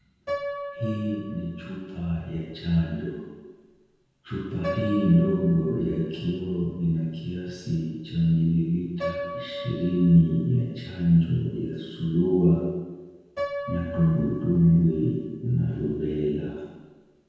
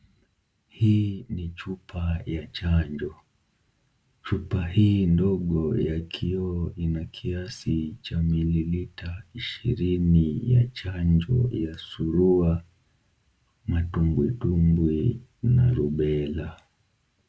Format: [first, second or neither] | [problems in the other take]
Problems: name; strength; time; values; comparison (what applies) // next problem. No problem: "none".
second | background sound (Piano); 14 dB below the speech // room echo; dies away in 1.2 s